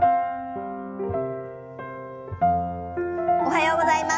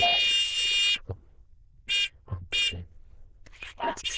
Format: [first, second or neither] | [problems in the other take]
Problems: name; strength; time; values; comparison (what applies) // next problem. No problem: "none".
first | noise reduction (neural diffusion model UNIVERSE++)